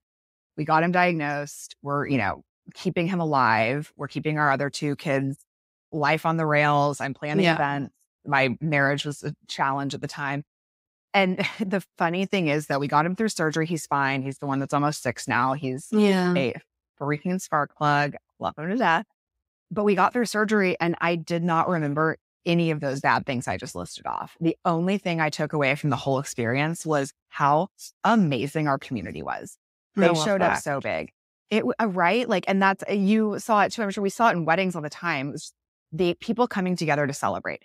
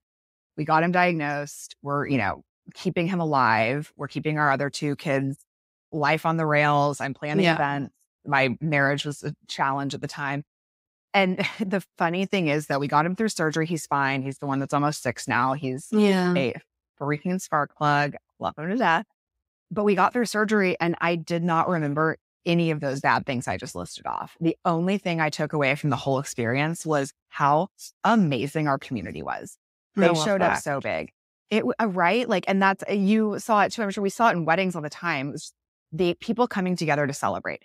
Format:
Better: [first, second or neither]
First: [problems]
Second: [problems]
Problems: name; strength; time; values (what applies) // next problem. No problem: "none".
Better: neither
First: none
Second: none